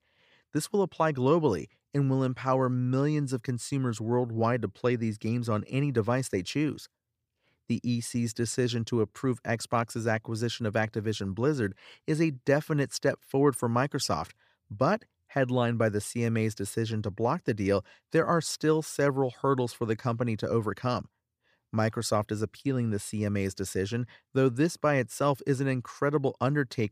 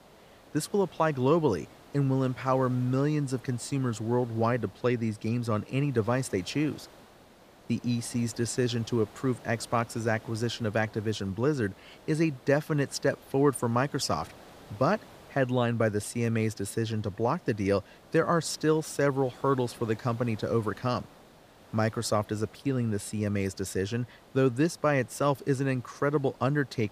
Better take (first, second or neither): first